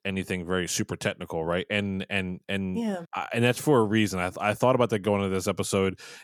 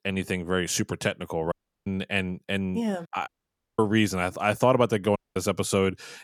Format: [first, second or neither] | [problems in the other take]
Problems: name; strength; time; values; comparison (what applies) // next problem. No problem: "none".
first | audio cutting out; at 1.5 s, at 3.5 s for 0.5 s and at 5 s